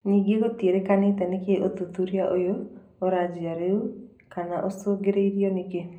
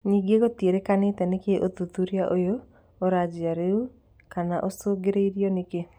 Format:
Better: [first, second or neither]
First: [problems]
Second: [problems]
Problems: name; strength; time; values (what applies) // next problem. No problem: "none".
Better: second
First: room echo; dies away in 0.5 s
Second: none